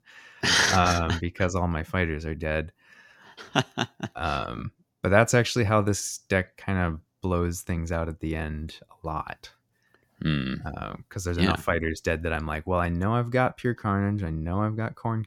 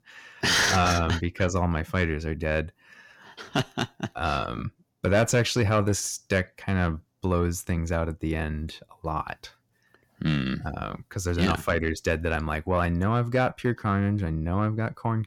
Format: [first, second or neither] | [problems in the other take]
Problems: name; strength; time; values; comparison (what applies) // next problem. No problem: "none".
first | distortion; slight; 10 dB below the speech